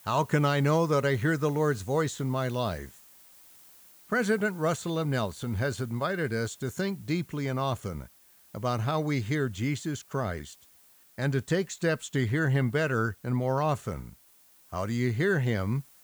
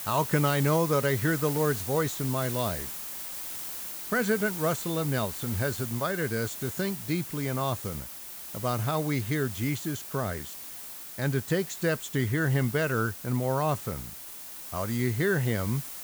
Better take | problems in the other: first | hiss; loud; throughout; 7 dB below the speech; faint in the first

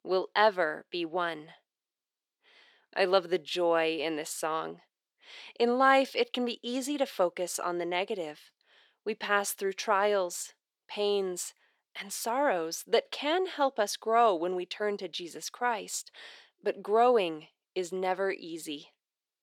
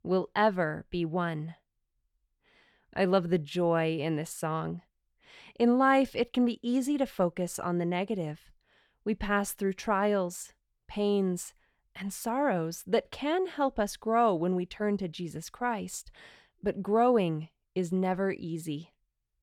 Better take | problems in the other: second | thin; somewhat; fading below 350 Hz

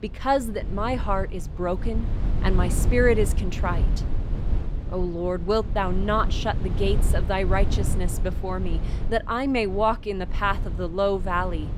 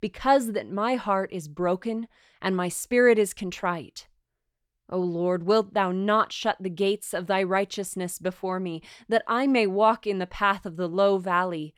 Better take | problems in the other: second | low rumble; noticeable; throughout; 15 dB below the speech

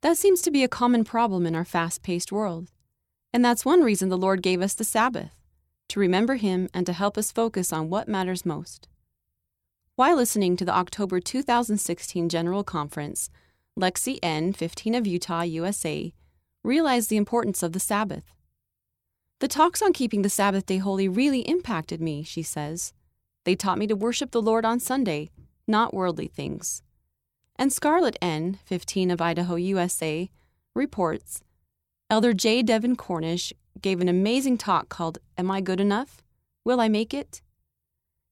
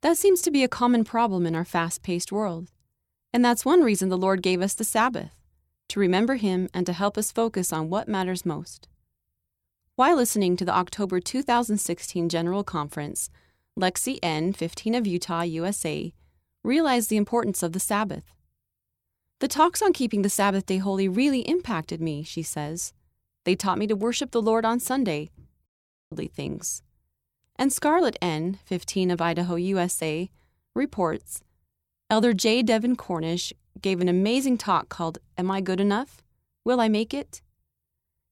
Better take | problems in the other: first | audio cutting out; at 26 s

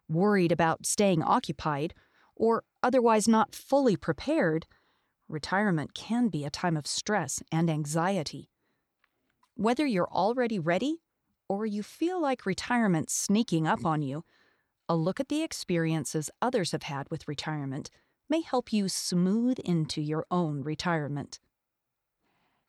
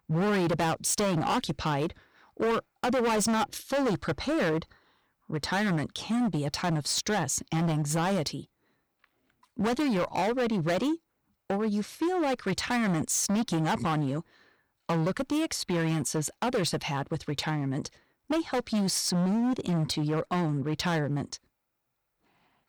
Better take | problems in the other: first | distortion; heavy; 19% of the sound clipped

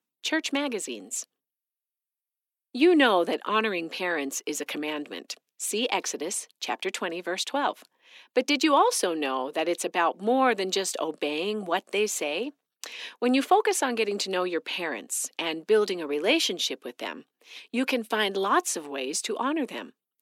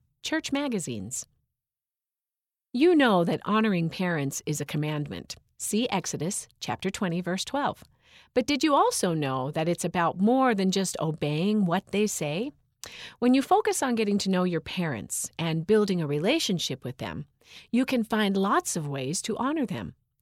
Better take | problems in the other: second | thin; very slightly; fading below 250 Hz

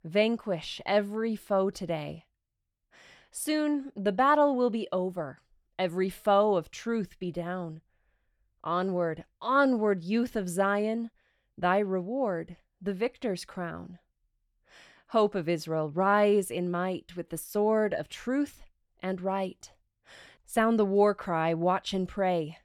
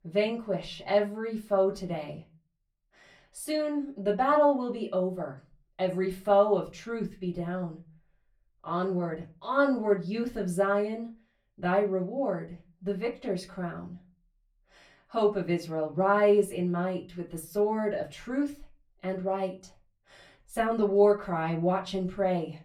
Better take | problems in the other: first | off-mic speech; far // room echo; very slight; dies away in 0.2 s

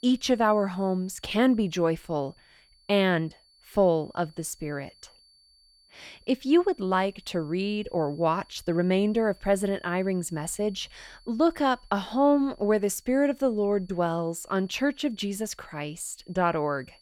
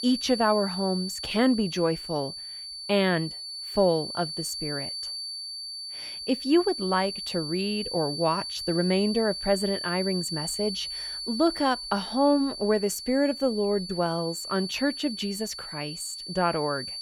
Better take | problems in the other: first | high-pitched whine; loud; throughout; 4.5 kHz, 6 dB below the speech; faint in the first

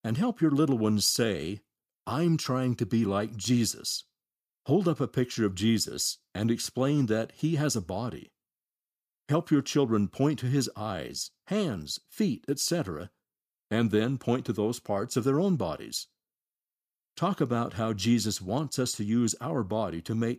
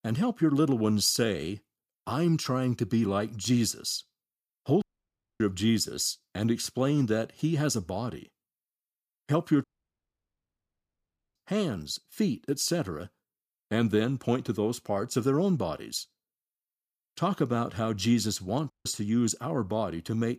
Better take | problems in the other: first | audio cutting out; at 5 s for 0.5 s, at 9.5 s for 1.5 s and at 19 s

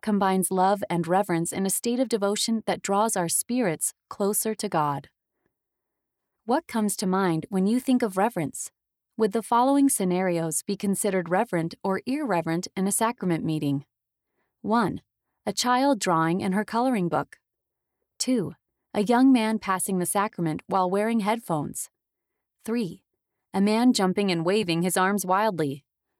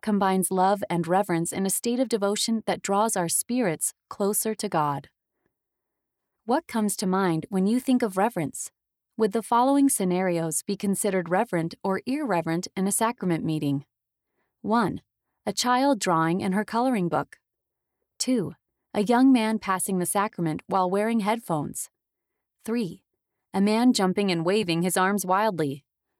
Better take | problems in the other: neither | none

